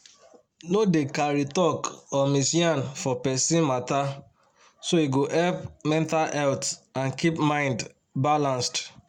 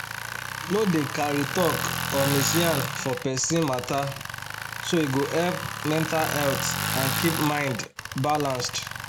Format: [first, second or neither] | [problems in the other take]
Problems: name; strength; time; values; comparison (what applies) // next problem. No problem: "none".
first | background sound (Tools); 4 dB below the speech